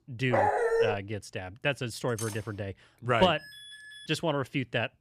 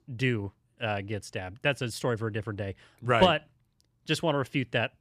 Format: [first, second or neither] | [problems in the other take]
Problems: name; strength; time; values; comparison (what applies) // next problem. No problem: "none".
second | dog barking; loud; at 0.5 s; peak 5 dB above the speech // clattering dishes; noticeable; at 2 s; peak 9 dB below the speech // alarm; faint; at 3.5 s; peak 15 dB below the speech